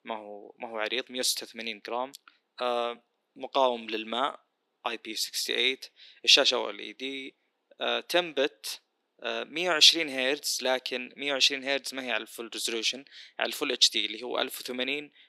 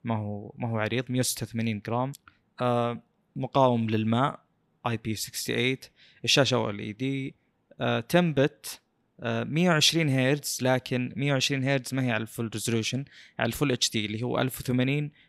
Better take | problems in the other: second | thin; somewhat; fading below 350 Hz

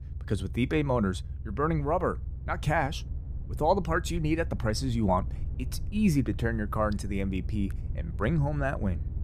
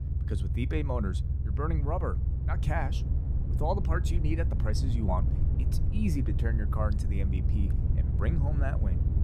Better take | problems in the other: first | low rumble; loud; throughout; 7 dB below the speech; faint in the first

